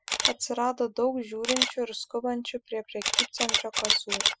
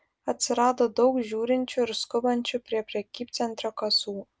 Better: second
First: noise reduction (classical method spectral subtraction)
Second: none

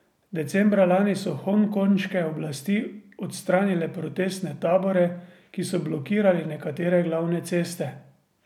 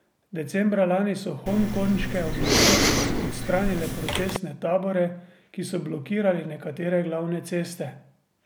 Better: first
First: none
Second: background sound (Respiratory sounds); 3 dB above the speech

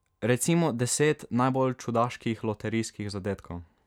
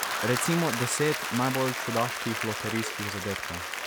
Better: first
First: none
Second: background sound (Applause / Crowd); 2 dB below the speech

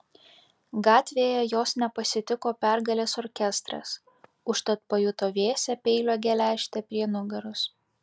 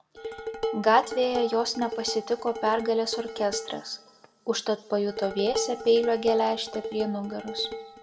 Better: first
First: none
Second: background sound (Dishes, pots, and pans); 9 dB below the speech // room echo; dies away in 1 s

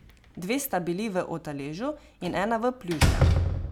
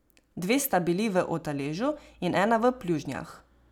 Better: second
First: background sound (Slam); 2 dB above the speech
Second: none

